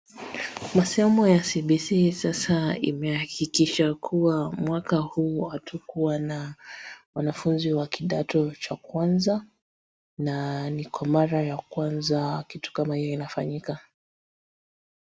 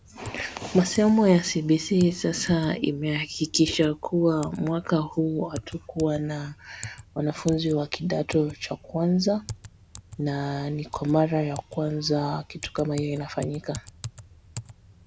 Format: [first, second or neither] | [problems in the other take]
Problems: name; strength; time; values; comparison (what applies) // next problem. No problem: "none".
first | background sound (Typing); 18 dB below the speech